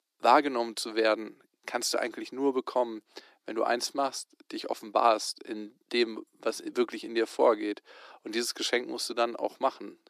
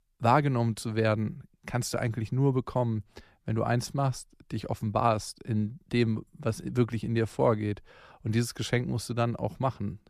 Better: second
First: thin; somewhat; fading below 300 Hz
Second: none

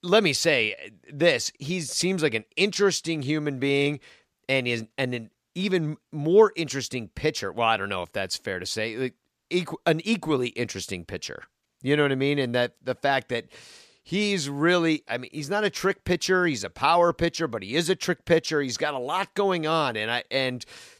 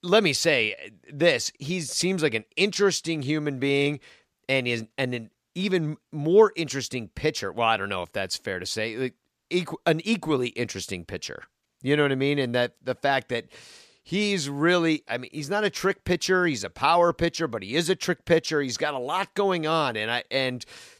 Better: neither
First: none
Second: none

